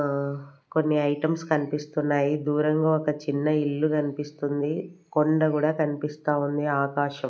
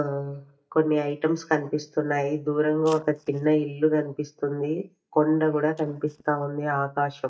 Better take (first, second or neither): first